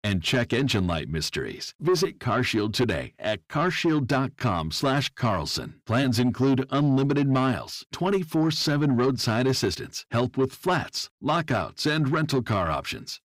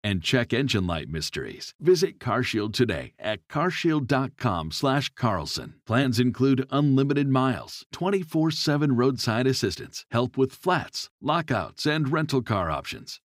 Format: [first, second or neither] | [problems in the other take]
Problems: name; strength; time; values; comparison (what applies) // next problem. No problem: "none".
second | distortion; slight; 10 dB below the speech